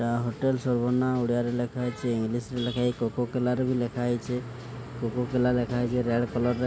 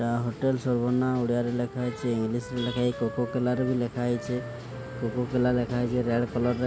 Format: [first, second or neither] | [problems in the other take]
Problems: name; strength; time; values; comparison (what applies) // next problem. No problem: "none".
first | background sound (Wind instrument, woodwind instrument); 17 dB below the speech